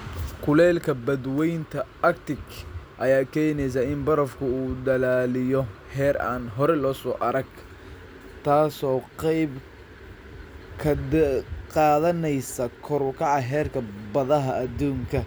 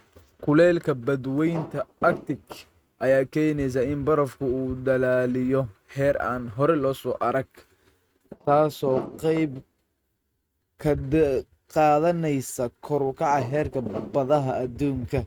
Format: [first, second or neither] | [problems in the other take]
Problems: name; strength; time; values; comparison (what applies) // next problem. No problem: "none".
first | noise reduction (neural mask model RNNoise)